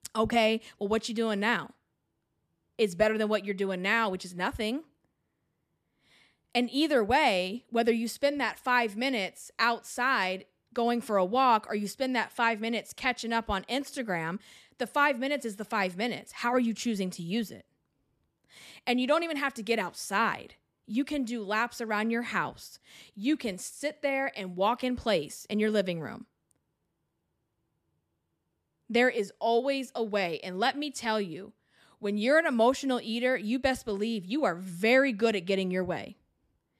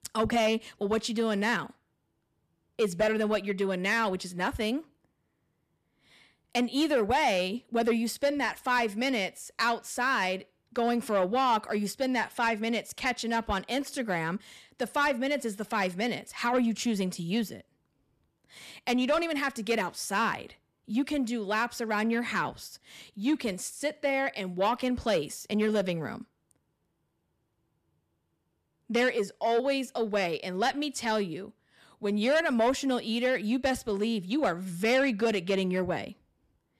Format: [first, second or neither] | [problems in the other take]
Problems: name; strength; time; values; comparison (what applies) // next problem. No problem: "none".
first | distortion; slight; 10 dB below the speech